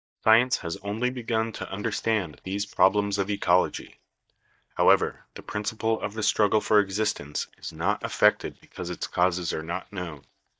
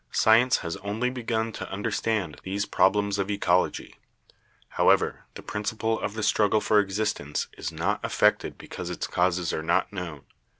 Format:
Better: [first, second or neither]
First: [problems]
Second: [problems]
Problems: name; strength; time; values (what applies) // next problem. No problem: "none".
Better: second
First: noise reduction (neural mask model DeepFilterNet 3)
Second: none